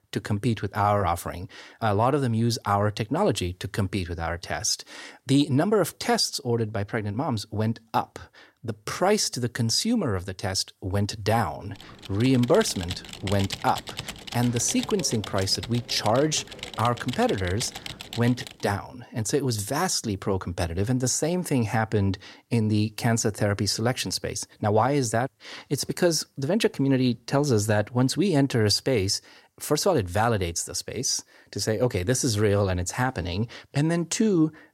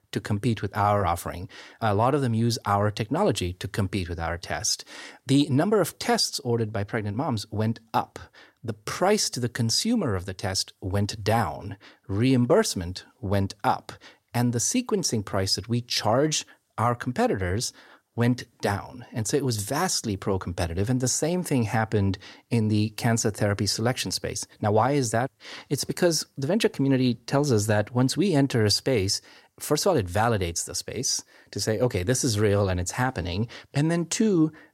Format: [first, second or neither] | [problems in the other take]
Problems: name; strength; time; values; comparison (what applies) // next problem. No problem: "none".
second | keyboard typing; noticeable; from 12 to 19 s; peak 8 dB below the speech